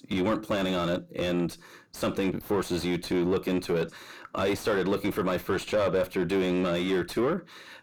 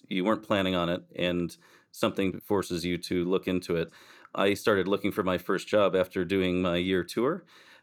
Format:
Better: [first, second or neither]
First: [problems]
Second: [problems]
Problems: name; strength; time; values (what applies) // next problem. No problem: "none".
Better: second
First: distortion; heavy; 6 dB below the speech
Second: none